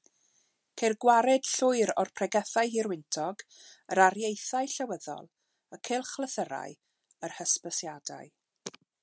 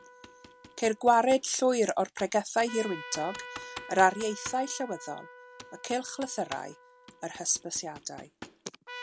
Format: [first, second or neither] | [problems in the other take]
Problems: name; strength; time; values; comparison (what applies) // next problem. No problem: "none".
first | background sound (Trumpet + Computer keyboard); 16 dB below the speech